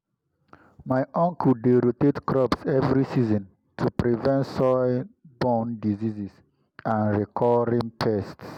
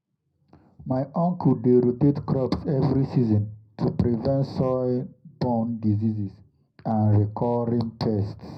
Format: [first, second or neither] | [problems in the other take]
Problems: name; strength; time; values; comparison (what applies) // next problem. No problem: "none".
first | room echo; dies away in 0.3 s